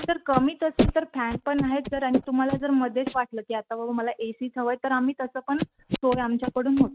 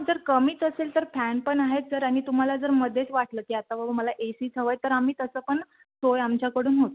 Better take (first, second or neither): second